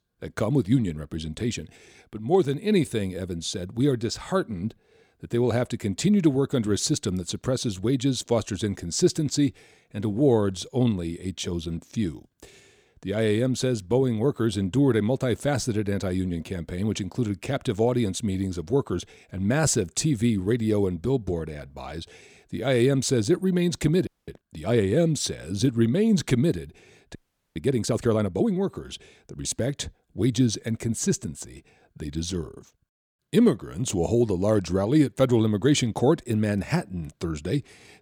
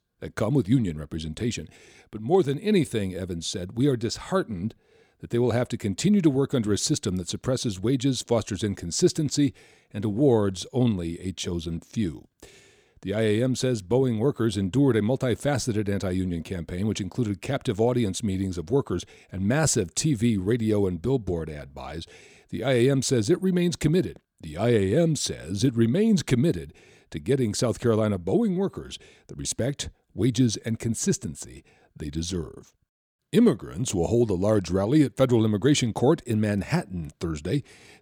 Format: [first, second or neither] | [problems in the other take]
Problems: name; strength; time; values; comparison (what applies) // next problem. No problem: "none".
second | audio freezing; at 24 s and at 27 s